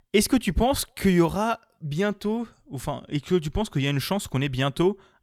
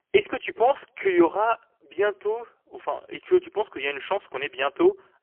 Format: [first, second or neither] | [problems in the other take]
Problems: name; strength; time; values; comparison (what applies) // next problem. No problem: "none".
first | phone-call audio; poor line; nothing above 3 kHz